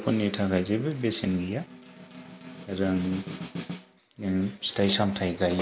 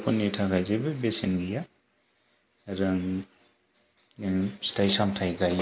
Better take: second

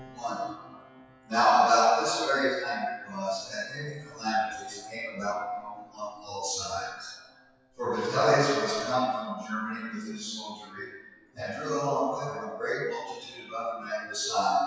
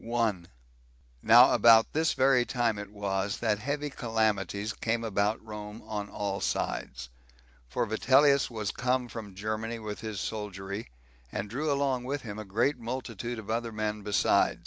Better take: second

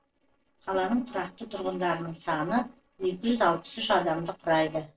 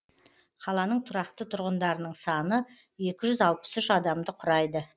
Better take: second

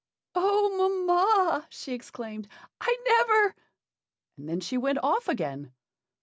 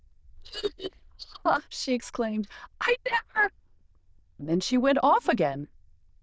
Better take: first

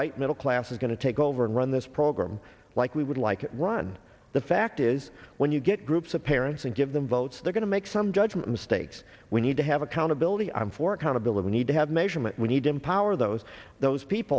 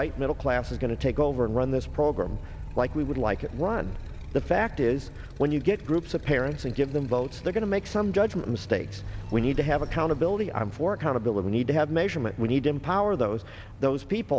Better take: first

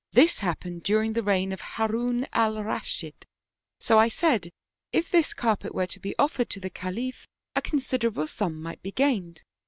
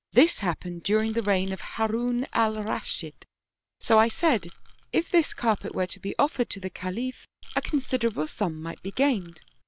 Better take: first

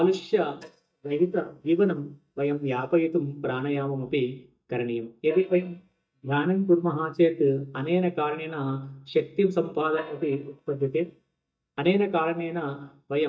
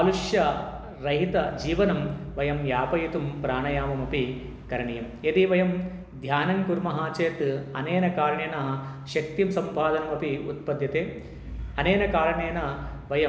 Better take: second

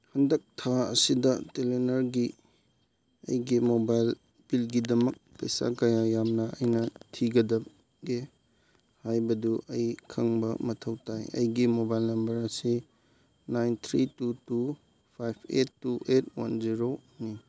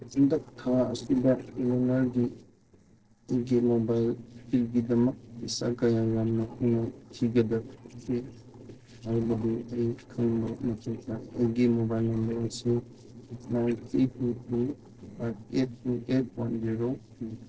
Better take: first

